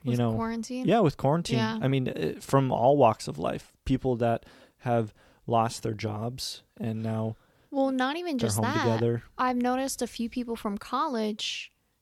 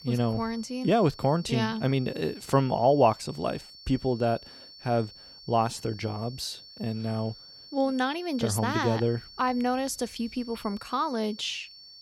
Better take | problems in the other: first | high-pitched whine; noticeable; throughout; 4.5 kHz, 20 dB below the speech

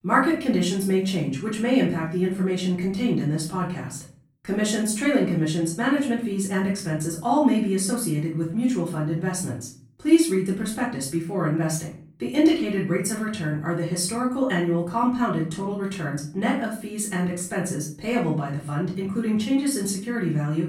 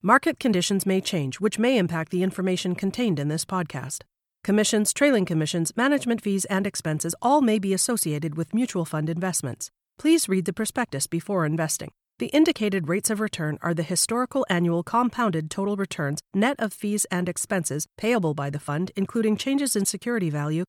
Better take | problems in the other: second | off-mic speech; far // room echo; slight; dies away in 0.4 s

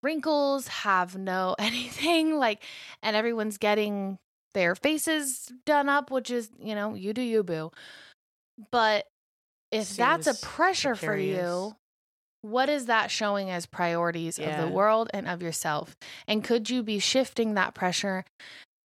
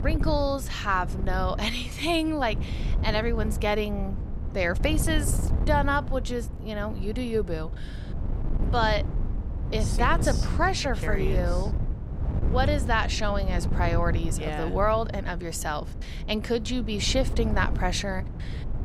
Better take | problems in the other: first | wind noise on the microphone; occasional gusts; 15 dB below the speech

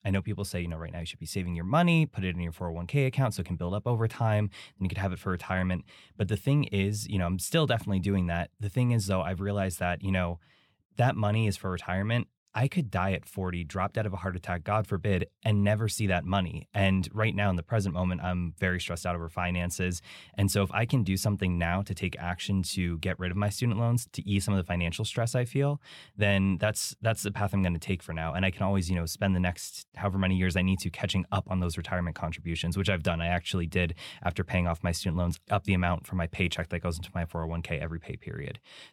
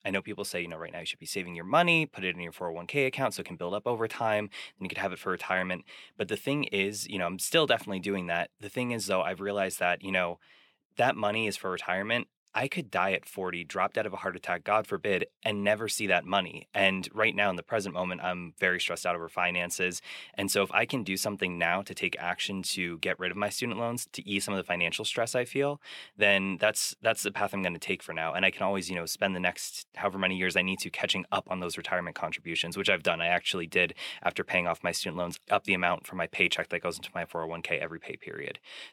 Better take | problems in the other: first | thin; somewhat; fading below 350 Hz

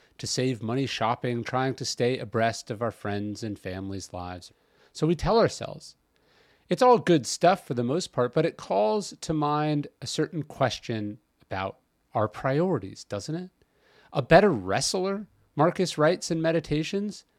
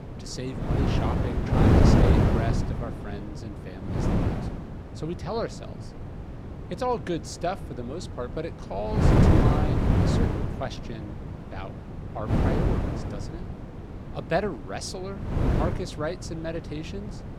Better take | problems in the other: first | wind noise on the microphone; heavy; 4 dB above the speech

